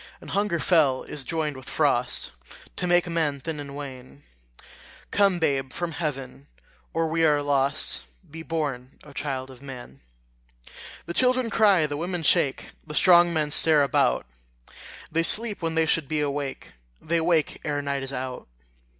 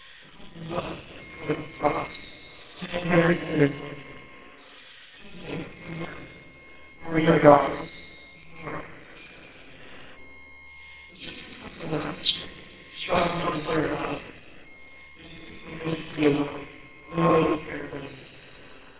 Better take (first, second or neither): first